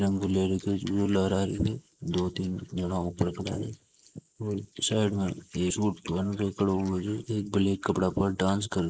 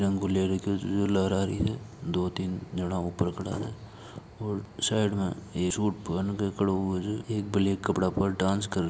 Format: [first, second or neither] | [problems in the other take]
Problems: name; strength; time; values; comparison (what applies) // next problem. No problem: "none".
second | noise reduction (neural mask model Resemble Enhance denoiser)